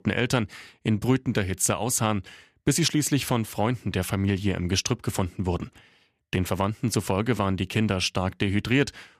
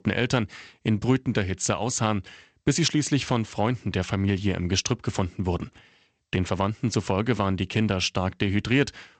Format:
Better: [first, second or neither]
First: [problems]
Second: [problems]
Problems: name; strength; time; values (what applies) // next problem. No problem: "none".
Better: first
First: none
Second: garbled, watery; slightly; nothing above 8 kHz